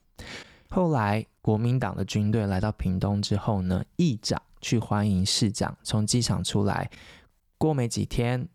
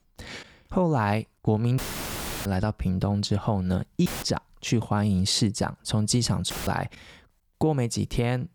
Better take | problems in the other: first | audio cutting out; filled with static; at 2 s for 0.5 s, at 4 s and at 6.5 s

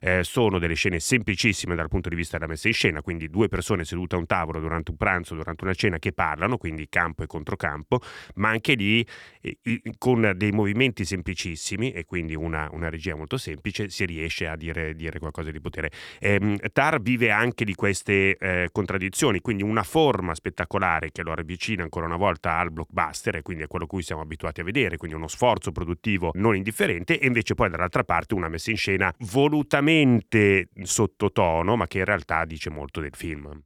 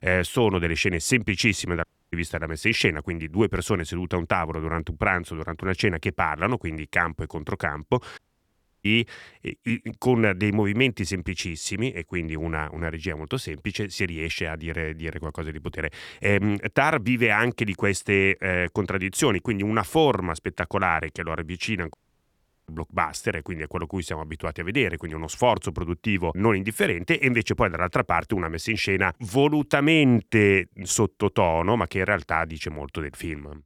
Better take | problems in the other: first | audio cutting out; at 2 s, at 8 s for 0.5 s and at 22 s for 0.5 s

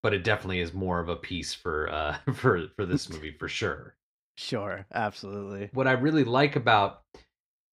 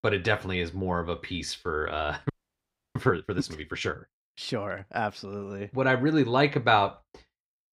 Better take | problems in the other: first | audio freezing; at 2.5 s for 0.5 s

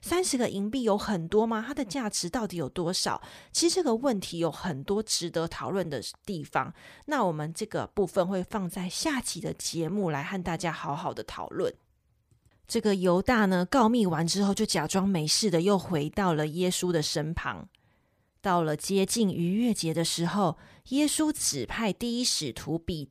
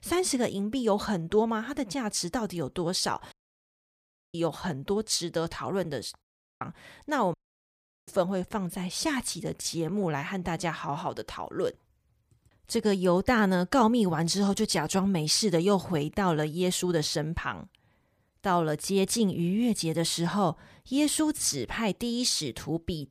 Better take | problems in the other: first | audio cutting out; at 3.5 s for 1 s, at 6 s and at 7.5 s for 0.5 s

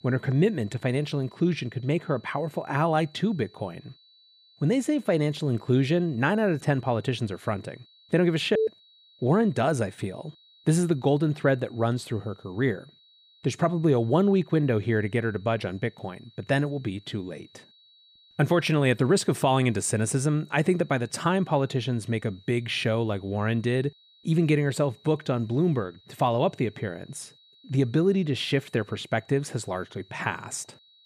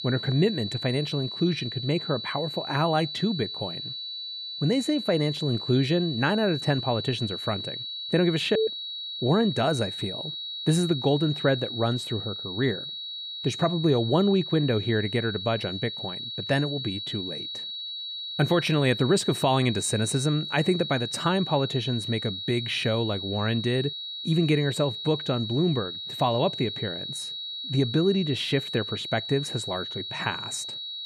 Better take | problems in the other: first | high-pitched whine; loud; throughout; 4 kHz, 6 dB below the speech; faint in the first

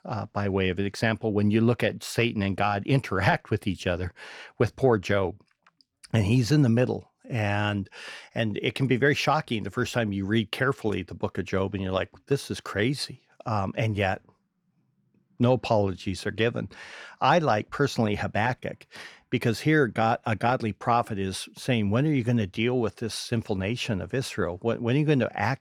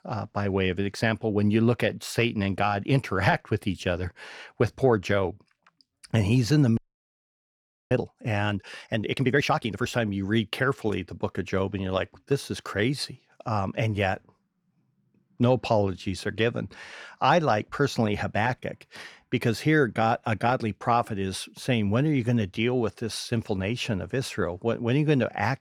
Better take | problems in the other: first | audio freezing; at 7 s for 1 s

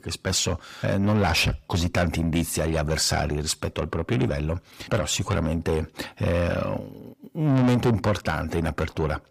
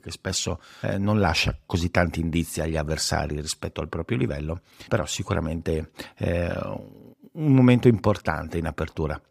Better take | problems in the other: second | distortion; heavy; 6 dB below the speech

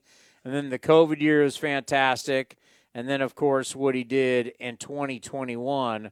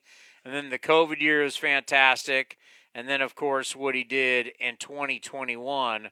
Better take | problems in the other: first | thin; somewhat; fading below 1 kHz

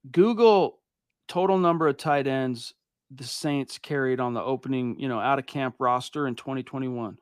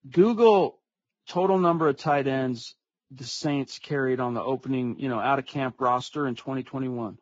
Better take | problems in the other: first | garbled, watery; badly; nothing above 7.5 kHz

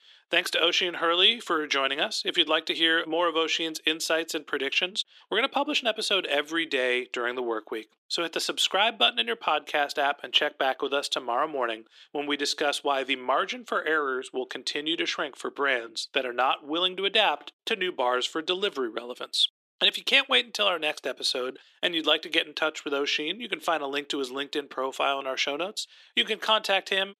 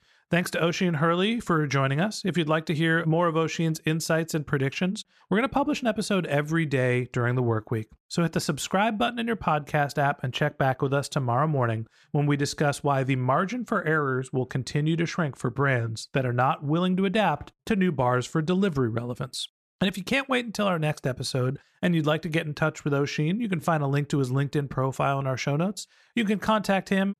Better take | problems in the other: second | thin; very; fading below 300 Hz

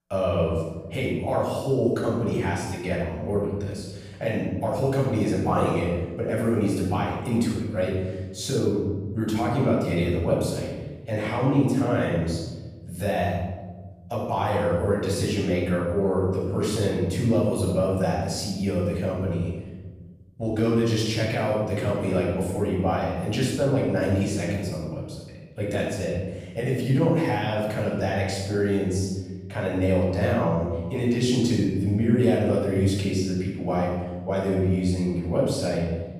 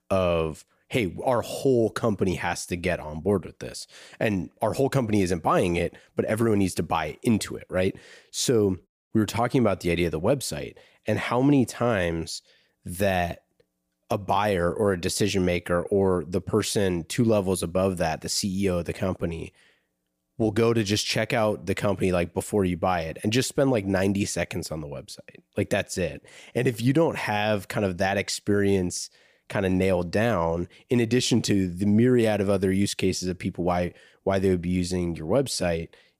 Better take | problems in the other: second | off-mic speech; far // room echo; strong; dies away in 1.7 s

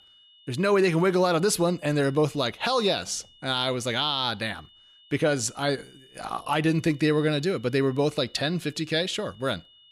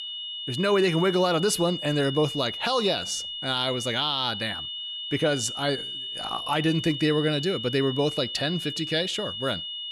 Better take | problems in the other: first | high-pitched whine; loud; throughout; 3 kHz, 6 dB below the speech; faint in the first

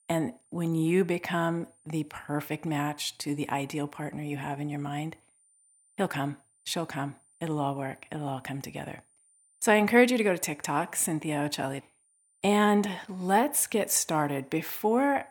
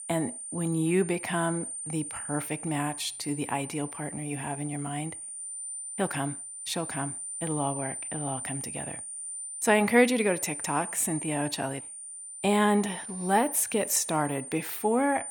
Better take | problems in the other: first | high-pitched whine; loud; throughout; 9 kHz, 7 dB below the speech; faint in the first

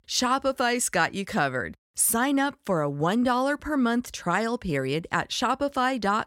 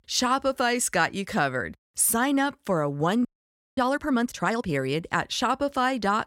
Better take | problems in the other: first | audio freezing; at 3.5 s for 0.5 s

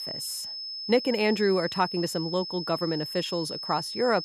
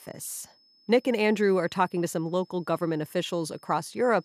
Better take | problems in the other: second | high-pitched whine; loud; throughout; 5 kHz, 6 dB below the speech; faint in the second

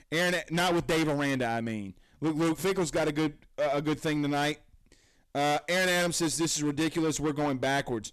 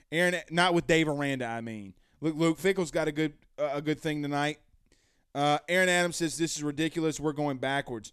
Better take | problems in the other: second | distortion; heavy; 20% of the sound clipped

